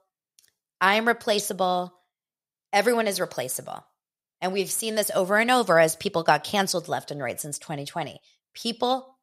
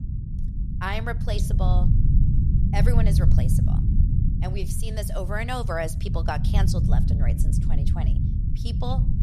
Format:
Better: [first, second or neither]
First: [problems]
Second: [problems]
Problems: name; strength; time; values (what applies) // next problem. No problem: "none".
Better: first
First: none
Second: low rumble; loud; throughout; 5 dB below the speech